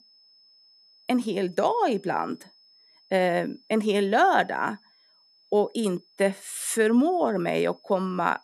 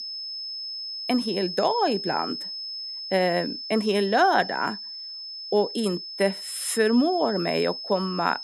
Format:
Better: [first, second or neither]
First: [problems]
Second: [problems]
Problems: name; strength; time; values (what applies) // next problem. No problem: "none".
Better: first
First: high-pitched whine; faint; throughout; 5 kHz, 30 dB below the speech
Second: high-pitched whine; loud; throughout; 5 kHz, 8 dB below the speech